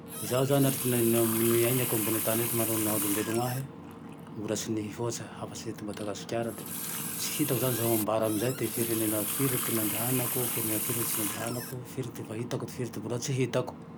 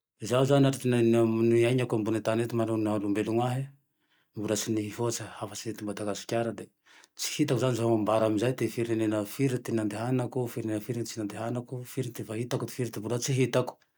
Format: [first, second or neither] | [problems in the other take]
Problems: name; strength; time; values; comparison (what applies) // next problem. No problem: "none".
second | background sound (Water tap, faucet); 4 dB below the speech